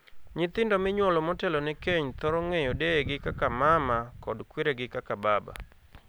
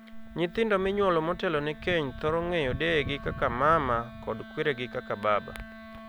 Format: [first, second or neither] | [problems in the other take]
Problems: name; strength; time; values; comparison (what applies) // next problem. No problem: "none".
first | background sound (Wind instrument, woodwind instrument); 17 dB below the speech